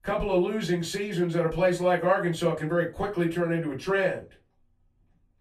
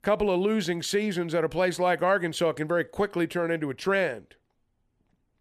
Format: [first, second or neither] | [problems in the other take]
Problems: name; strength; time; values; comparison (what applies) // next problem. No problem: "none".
second | off-mic speech; far // room echo; very slight; dies away in 0.2 s